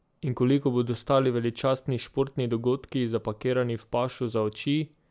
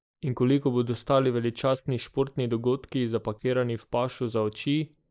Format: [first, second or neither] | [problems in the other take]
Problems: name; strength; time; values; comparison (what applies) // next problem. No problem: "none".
first | noise reduction (neural mask model Resemble Enhance denoiser)